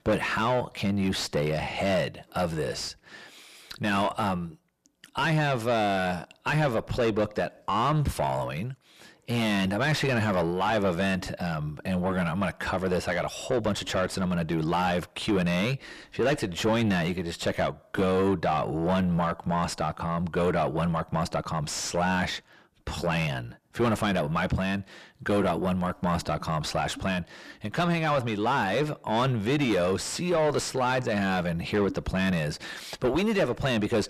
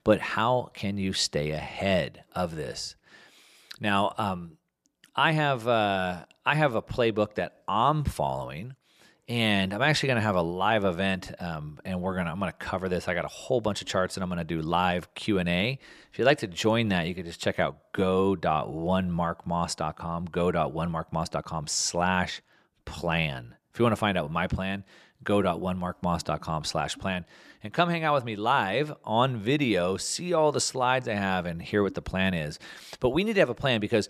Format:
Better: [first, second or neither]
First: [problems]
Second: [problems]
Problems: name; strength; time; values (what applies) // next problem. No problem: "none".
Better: second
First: distortion; heavy; 6 dB below the speech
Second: none